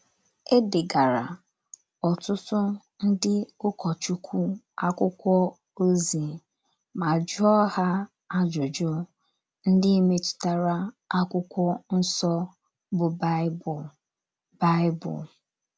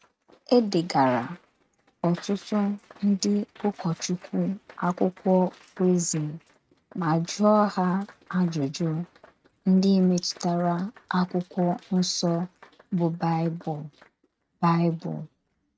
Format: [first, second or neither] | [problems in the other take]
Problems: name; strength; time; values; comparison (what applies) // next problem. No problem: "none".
first | noise reduction (neural mask model RNNoise)